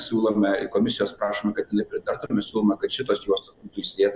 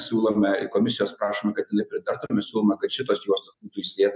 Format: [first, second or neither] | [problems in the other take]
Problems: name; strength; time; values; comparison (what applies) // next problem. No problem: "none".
second | noise reduction (neural separator model SepFormer DNS4)